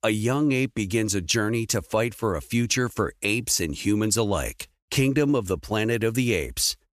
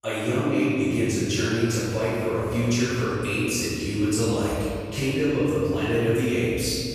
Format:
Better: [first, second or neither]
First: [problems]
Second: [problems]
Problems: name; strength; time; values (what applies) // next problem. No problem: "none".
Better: first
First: none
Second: off-mic speech; far // room echo; strong; dies away in 2.5 s